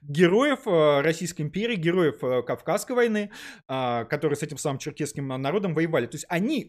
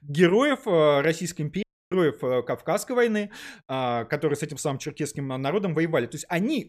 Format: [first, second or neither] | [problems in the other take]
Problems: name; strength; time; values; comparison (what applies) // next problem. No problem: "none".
first | audio cutting out; at 1.5 s